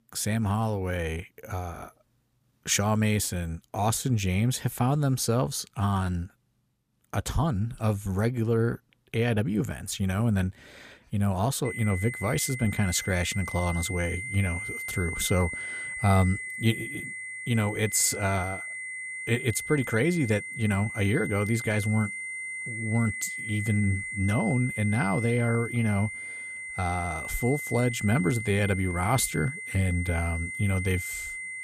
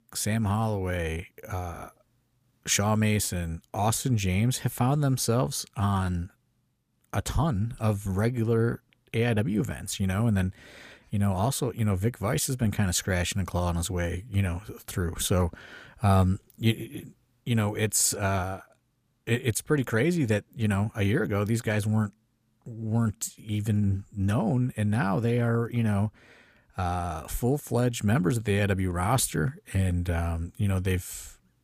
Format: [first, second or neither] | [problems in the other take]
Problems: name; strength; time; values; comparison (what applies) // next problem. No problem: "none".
second | high-pitched whine; loud; from 12 s on; 2 kHz, 6 dB below the speech